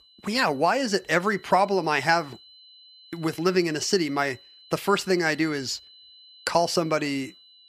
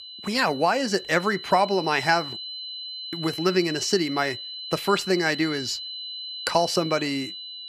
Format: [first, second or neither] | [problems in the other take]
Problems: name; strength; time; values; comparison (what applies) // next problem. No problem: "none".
first | high-pitched whine; loud; throughout; 4 kHz, 9 dB below the speech; faint in the first